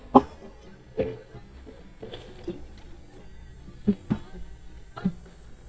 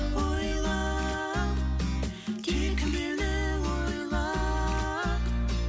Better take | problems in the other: second | noise reduction (neural mask model DeepFilterNet 3)

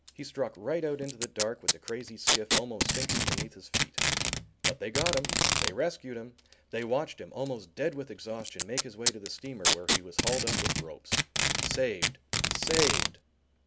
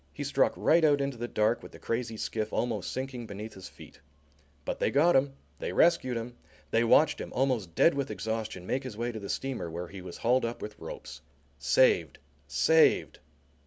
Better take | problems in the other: second | background sound (Packing tape, duct tape); 4 dB above the speech

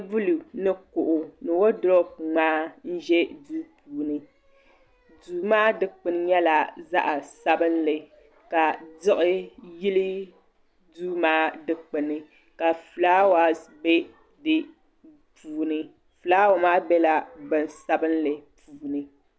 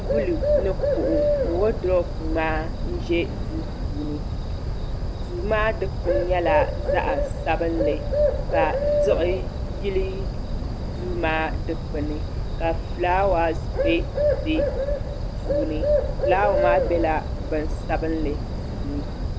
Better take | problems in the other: first | background sound (Bird); 2 dB above the speech

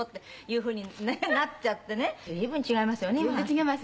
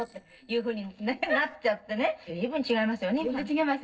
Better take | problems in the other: first | noise reduction (neural separator model SepFormer DNS4)

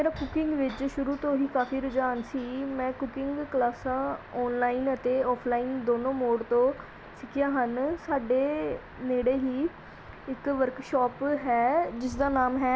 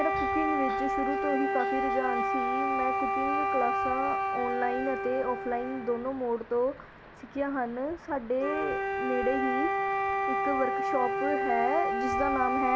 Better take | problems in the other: first | background sound (Wind instrument, woodwind instrument); 2 dB above the speech

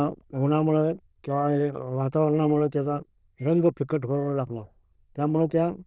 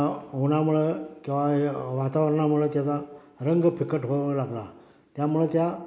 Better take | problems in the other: second | noise reduction (neural diffusion model UNIVERSE++)

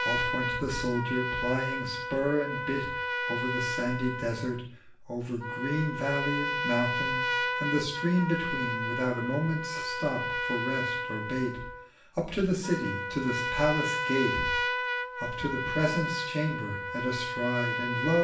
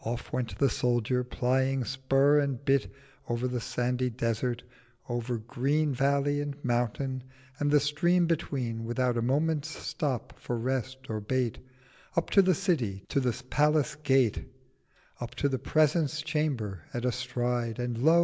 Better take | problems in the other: second | background sound (Trumpet); 1 dB below the speech // room echo; dies away in 0.4 s

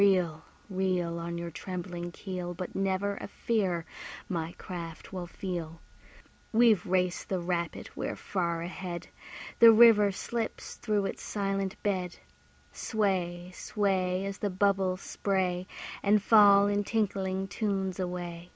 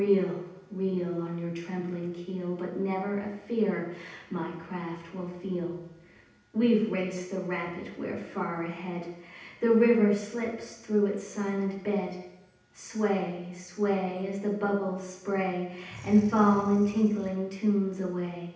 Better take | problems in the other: first | background sound (Animal); 18 dB below the speech // room echo; dies away in 0.8 s

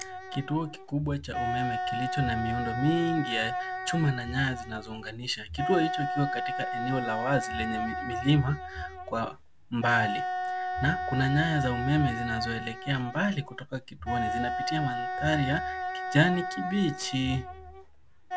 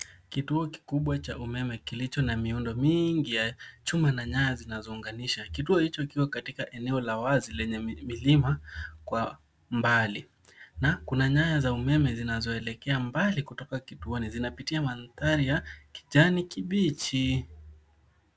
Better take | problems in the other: second | background sound (Wind instrument, woodwind instrument); 4 dB below the speech

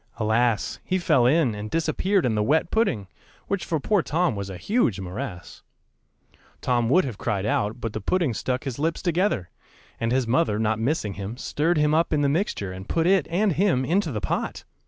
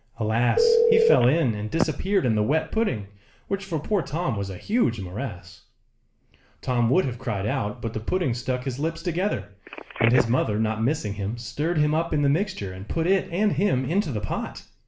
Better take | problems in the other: first | background sound (Telephone); 7 dB below the speech // room echo; dies away in 0.4 s

